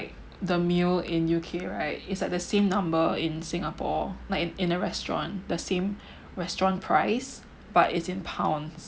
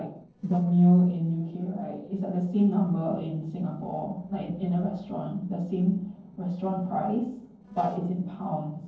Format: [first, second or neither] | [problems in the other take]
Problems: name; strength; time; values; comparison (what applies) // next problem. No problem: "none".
first | noise reduction (neural separator model SepFormer DNS4)